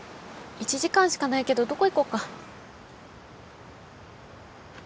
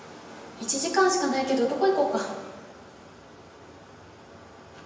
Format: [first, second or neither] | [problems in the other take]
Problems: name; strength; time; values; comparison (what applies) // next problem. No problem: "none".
first | room echo; dies away in 1 s